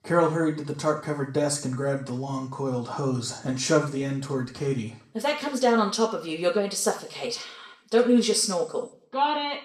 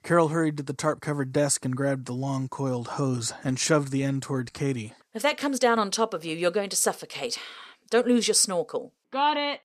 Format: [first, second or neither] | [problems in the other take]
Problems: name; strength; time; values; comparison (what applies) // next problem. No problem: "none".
second | room echo; slight; dies away in 0.4 s // off-mic speech; somewhat distant